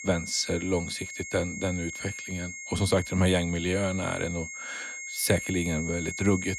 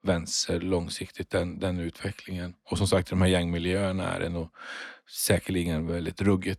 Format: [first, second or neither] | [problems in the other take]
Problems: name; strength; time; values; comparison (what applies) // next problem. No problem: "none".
second | high-pitched whine; loud; throughout; 2 kHz, 7 dB below the speech